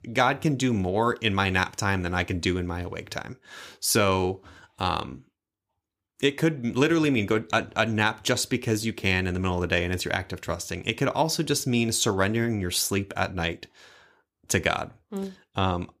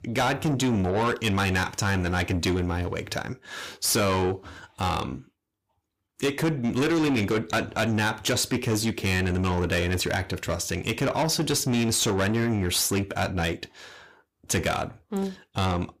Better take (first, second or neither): first